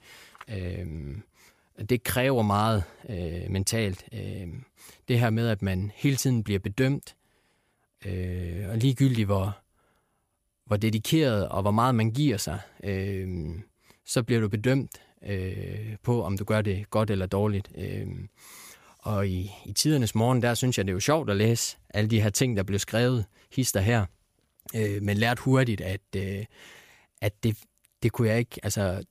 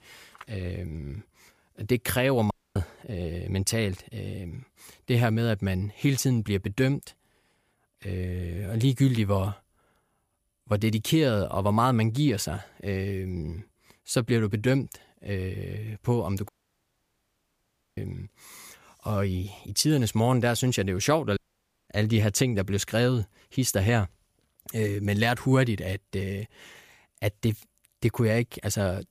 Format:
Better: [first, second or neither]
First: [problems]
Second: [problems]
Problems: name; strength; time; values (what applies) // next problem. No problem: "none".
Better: first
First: none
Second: audio cutting out; at 2.5 s, at 16 s for 1.5 s and at 21 s for 0.5 s